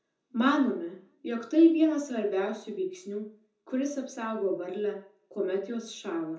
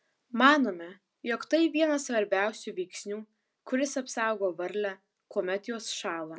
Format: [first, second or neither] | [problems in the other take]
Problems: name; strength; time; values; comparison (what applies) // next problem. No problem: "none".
second | room echo; dies away in 0.6 s